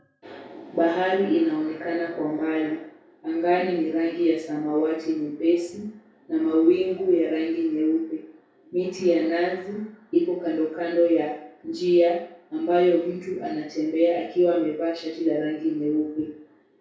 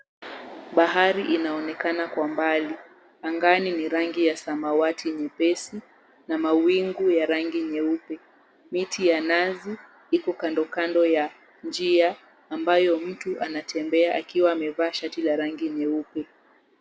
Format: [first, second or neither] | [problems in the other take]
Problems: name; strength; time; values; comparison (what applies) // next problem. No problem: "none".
second | room echo; dies away in 0.6 s